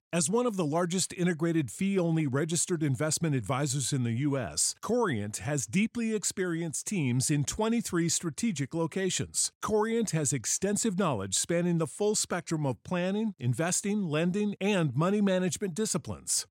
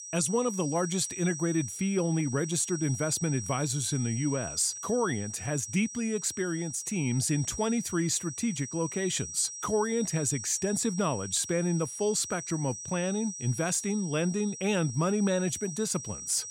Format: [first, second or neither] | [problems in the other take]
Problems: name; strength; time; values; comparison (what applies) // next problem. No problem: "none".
first | high-pitched whine; loud; throughout; 6 kHz, 9 dB below the speech